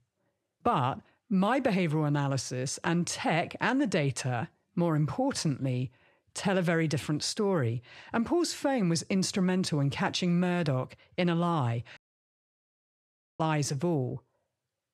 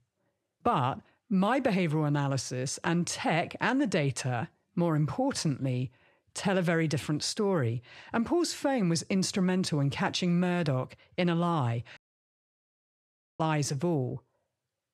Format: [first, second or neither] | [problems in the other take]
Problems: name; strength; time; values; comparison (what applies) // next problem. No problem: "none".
neither | audio cutting out; at 12 s for 1.5 s; the same in both